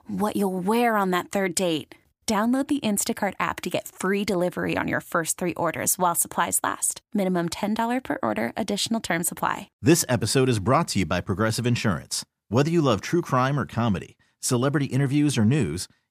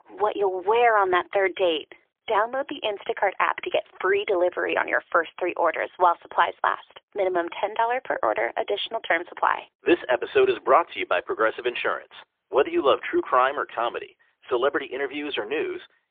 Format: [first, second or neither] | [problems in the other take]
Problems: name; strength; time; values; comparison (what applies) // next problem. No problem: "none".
first | phone-call audio; poor line; nothing above 3.5 kHz